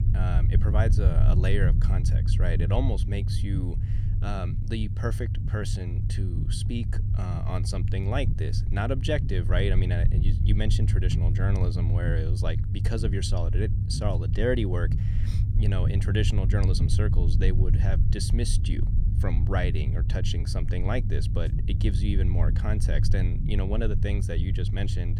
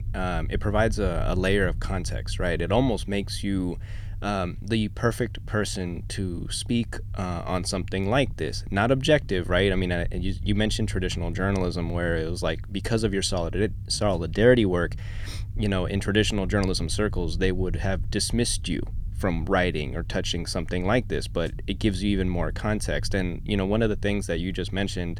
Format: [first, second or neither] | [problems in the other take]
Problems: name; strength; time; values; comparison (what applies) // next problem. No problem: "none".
second | low rumble; loud; throughout; 6 dB below the speech; faint in the second